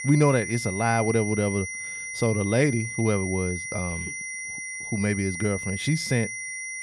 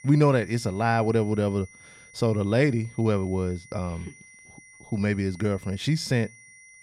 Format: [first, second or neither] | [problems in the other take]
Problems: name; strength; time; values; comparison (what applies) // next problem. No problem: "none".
second | high-pitched whine; loud; throughout; 2 kHz, 6 dB below the speech; faint in the second